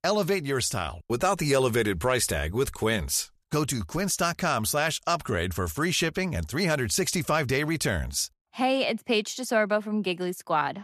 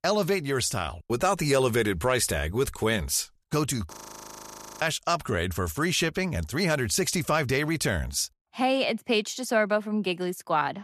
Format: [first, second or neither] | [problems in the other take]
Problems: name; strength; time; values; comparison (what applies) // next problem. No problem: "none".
first | audio freezing; at 4 s for 1 s